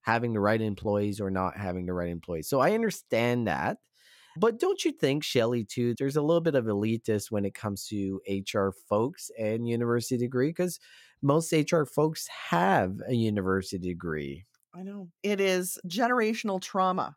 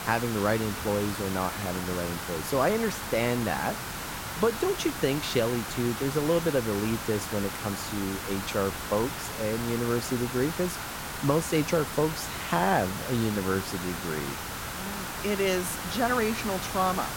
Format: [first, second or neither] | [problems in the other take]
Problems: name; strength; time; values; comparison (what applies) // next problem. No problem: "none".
first | hiss; loud; throughout; 5 dB below the speech